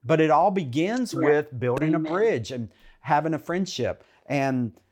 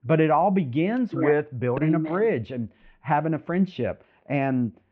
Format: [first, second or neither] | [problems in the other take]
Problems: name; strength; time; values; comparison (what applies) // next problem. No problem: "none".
first | muffled; very; fading above 2.5 kHz